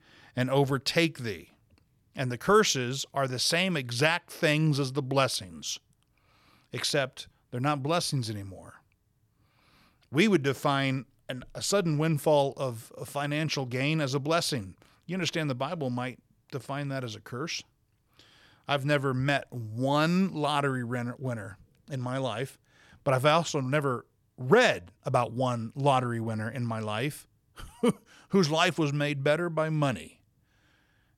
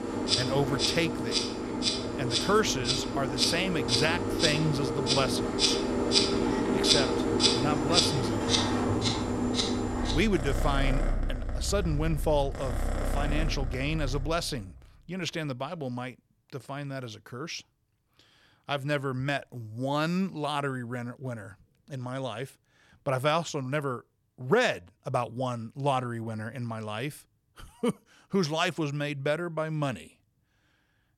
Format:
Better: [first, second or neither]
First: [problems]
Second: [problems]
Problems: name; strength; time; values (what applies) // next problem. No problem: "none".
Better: first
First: none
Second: animal sounds; very loud; until 14 s; 3 dB above the speech